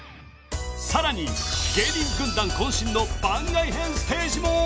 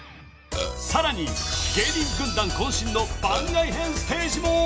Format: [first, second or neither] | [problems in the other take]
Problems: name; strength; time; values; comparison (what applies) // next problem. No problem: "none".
first | background sound (Burping, eructation); 7 dB below the speech // room echo; dies away in 2.4 s